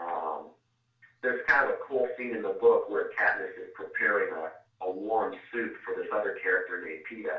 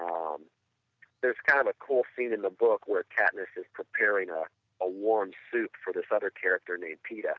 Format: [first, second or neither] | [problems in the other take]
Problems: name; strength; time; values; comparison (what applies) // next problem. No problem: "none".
second | room echo; dies away in 0.3 s